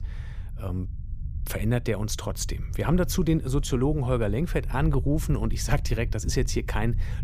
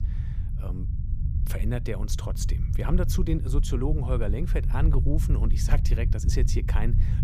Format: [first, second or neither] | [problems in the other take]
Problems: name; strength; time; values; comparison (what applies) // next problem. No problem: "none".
first | low rumble; loud; throughout; 8 dB below the speech; faint in the first